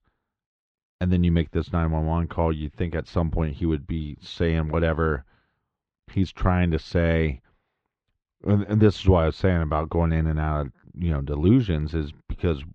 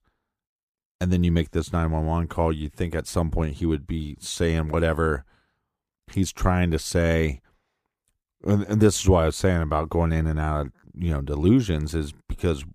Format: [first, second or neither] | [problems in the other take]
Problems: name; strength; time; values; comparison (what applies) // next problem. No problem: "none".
second | muffled; slightly; fading above 4 kHz